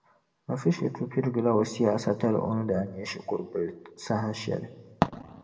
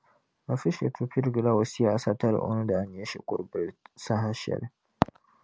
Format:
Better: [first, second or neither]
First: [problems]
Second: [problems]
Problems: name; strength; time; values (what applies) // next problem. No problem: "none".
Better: second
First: room echo; dies away in 0.8 s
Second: none